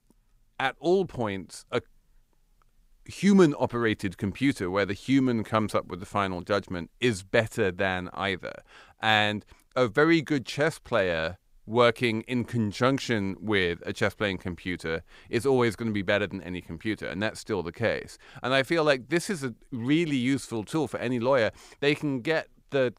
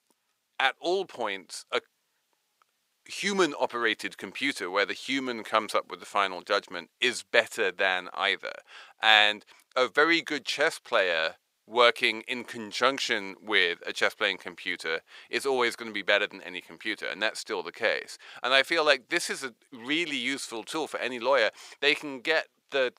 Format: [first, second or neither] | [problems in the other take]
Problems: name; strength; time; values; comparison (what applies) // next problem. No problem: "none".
first | thin; somewhat; fading below 500 Hz